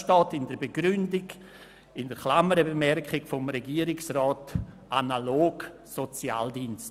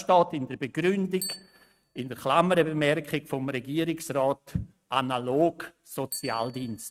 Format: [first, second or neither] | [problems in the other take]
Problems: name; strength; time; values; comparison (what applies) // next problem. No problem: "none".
first | noise reduction (neural mask model RNNoise)